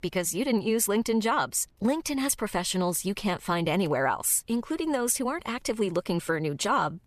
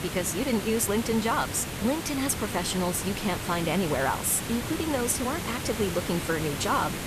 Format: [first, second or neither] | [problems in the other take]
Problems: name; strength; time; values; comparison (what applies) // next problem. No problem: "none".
first | hiss; loud; throughout; 5 dB below the speech